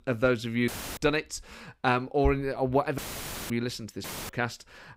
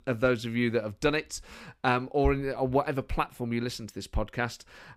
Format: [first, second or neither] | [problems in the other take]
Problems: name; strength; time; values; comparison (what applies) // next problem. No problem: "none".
second | audio cutting out; filled with static; at 0.5 s, at 3 s for 0.5 s and at 4 s